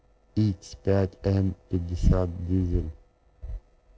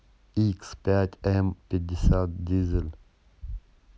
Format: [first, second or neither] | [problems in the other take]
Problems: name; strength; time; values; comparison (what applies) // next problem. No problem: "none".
second | noise reduction (neural separator model SepFormer DNS4)